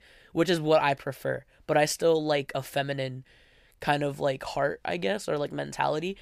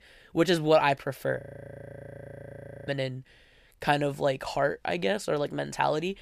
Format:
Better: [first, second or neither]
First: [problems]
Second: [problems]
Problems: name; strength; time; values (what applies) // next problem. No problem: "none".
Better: first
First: none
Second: audio freezing; at 1.5 s for 1.5 s